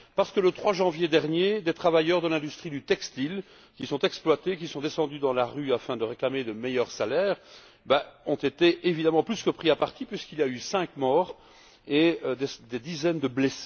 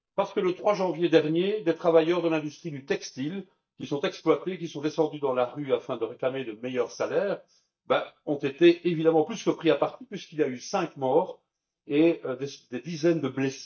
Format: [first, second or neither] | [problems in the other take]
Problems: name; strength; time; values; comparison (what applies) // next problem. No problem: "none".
first | noise reduction (neural mask model DeepFilterNet 3)